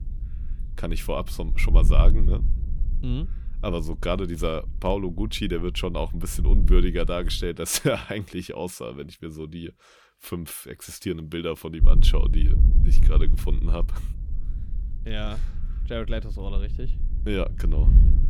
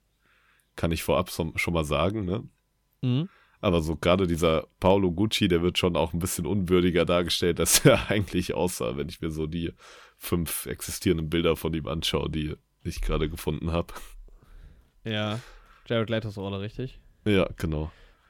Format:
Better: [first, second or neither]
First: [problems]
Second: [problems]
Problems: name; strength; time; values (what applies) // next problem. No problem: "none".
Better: second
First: wind noise on the microphone; occasional gusts; until 7.5 s and from 12 s on; 15 dB below the speech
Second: none